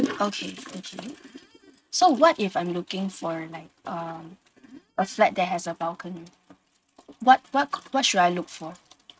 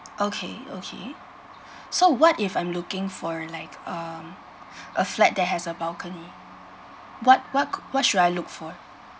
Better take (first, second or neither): second